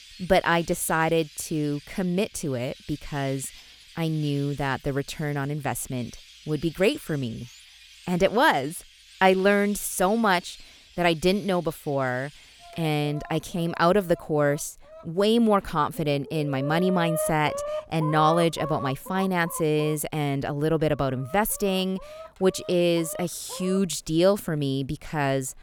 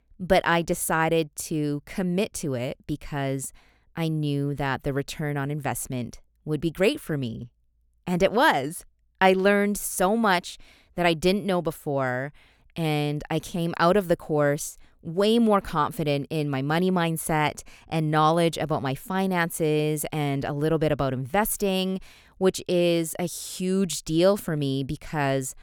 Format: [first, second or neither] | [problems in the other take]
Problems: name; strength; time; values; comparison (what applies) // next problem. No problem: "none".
second | animal sounds; noticeable; throughout; 15 dB below the speech